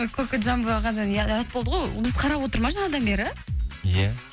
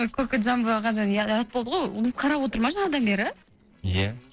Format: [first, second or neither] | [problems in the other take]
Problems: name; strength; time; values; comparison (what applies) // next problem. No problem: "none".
first | noise reduction (neural separator model SepFormer DNS4)